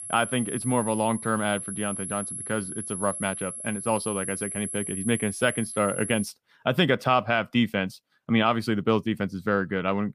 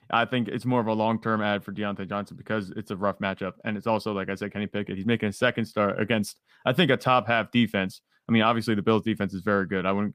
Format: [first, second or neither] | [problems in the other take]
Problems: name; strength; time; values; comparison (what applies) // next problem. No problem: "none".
second | high-pitched whine; loud; until 6.5 s; 11 kHz, 6 dB below the speech